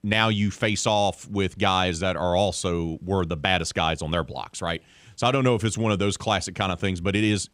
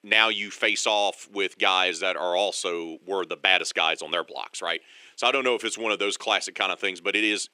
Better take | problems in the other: first | thin; very; fading below 350 Hz

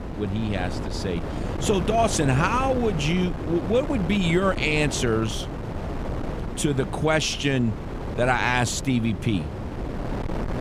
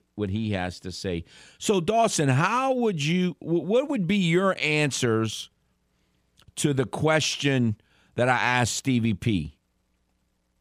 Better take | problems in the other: second | wind noise on the microphone; heavy; 10 dB below the speech

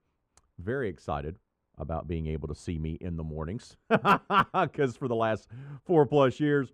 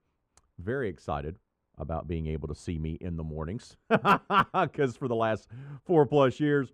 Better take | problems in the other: neither | muffled; very; fading above 2.5 kHz; the same in both

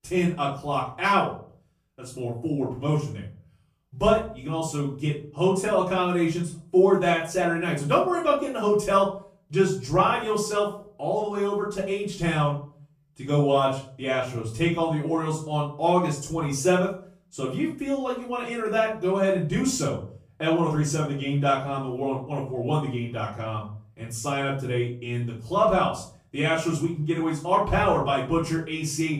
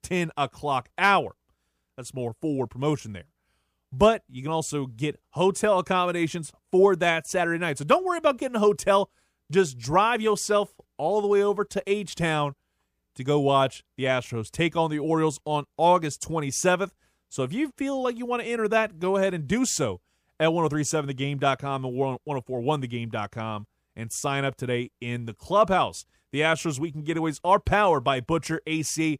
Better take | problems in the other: second | off-mic speech; far // room echo; slight; dies away in 0.4 s

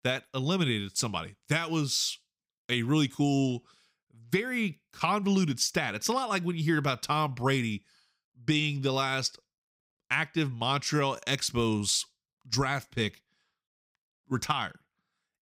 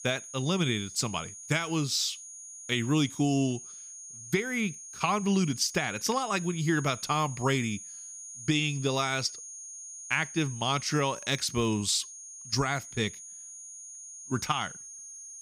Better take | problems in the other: first | high-pitched whine; noticeable; throughout; 6.5 kHz, 10 dB below the speech

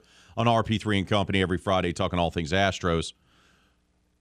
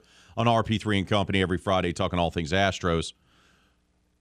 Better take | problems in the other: neither | none

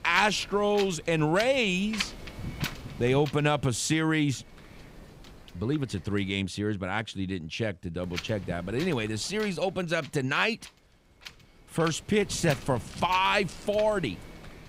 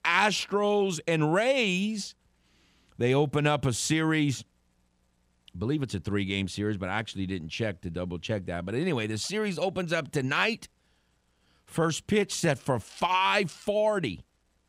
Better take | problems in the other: second | wind noise on the microphone; occasional gusts; until 6.5 s and from 8 s on; 15 dB below the speech

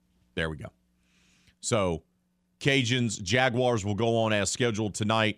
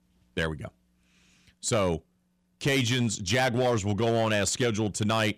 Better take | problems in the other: first | distortion; slight; 7% of the sound clipped

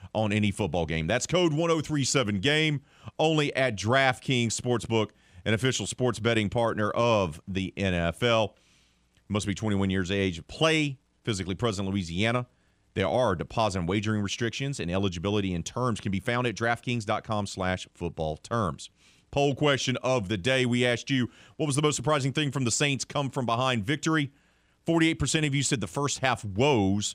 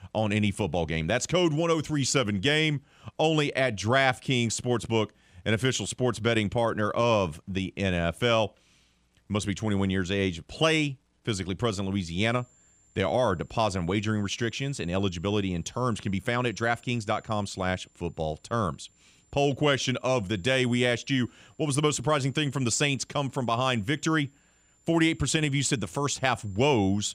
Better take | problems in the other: first | high-pitched whine; faint; from 12 s on; 7.5 kHz, 35 dB below the speech

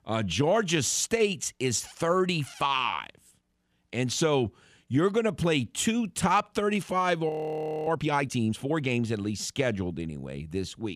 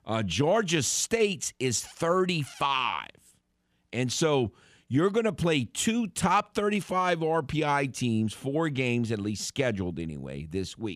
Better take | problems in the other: second | audio freezing; at 7.5 s for 0.5 s

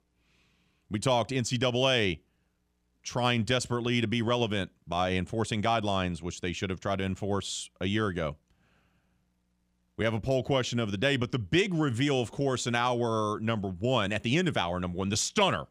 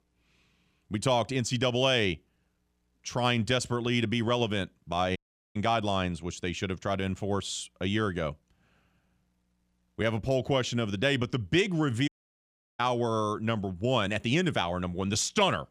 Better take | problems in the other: first | audio cutting out; at 5 s and at 12 s for 0.5 s

